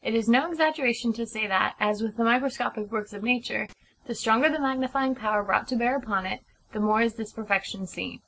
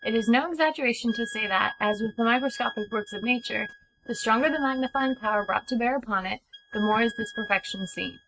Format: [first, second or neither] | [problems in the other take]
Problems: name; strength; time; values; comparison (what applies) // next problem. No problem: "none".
first | noise reduction (neural mask model RNNoise)